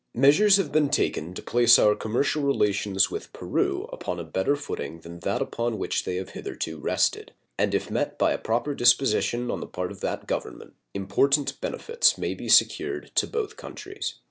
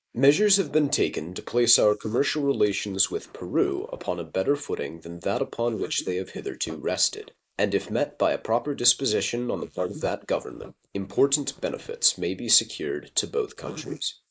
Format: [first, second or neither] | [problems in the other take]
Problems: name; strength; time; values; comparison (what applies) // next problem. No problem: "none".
first | noise reduction (neural mask model Resemble Enhance denoiser)